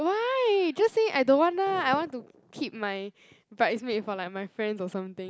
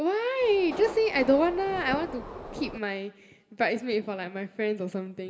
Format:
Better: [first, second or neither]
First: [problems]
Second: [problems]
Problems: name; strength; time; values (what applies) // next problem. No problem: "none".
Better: first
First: none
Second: background sound (Subway, metro, underground); 12 dB below the speech // room echo; dies away in 2.1 s